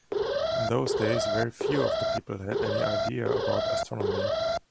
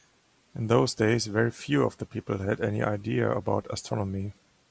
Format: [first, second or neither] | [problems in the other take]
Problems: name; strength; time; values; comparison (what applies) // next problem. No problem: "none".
second | background sound (Alarm); 4 dB above the speech